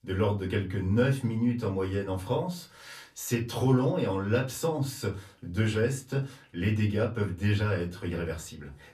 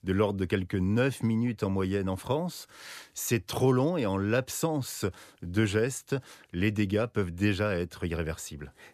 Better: second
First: off-mic speech; far // room echo; very slight; dies away in 0.2 s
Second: none

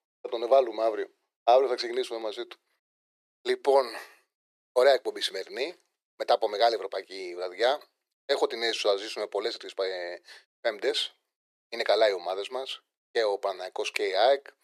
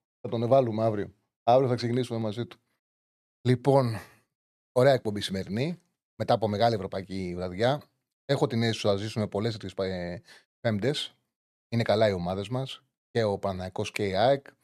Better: second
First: thin; very; fading below 350 Hz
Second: none

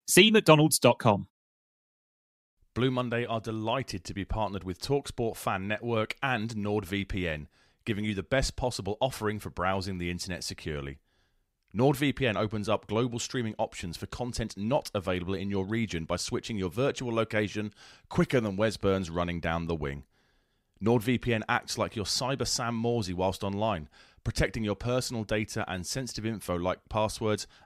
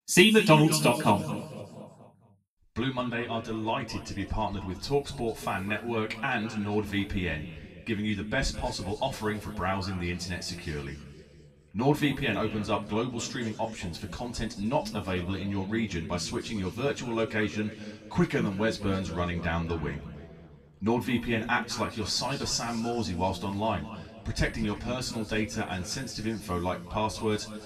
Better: first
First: none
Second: room echo; noticeable; dies away in 1.8 s // off-mic speech; far

